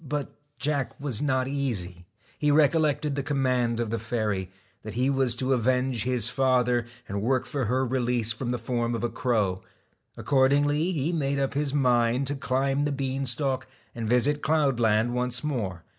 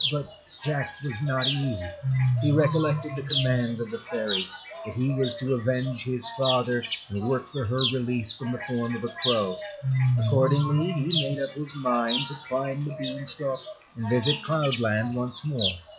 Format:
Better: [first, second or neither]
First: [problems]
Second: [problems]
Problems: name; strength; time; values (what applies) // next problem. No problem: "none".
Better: first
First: none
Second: noise reduction (classical method log-MMSE)